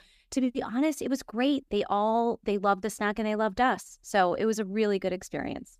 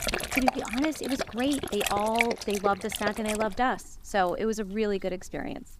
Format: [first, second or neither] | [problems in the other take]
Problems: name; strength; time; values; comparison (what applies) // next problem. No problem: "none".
first | animal sounds; loud; throughout; 2 dB below the speech